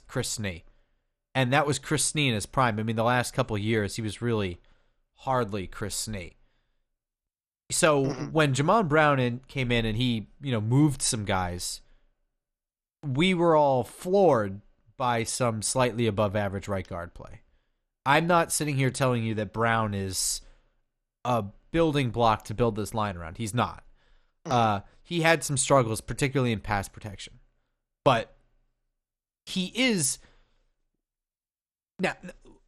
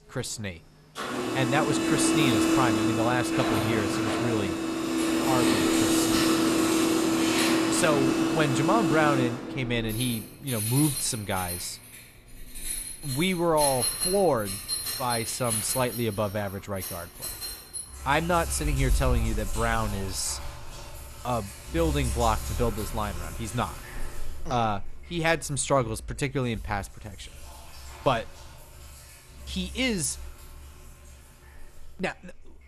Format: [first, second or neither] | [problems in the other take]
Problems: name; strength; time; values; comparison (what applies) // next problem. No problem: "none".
first | household noises; very loud; throughout; 1 dB above the speech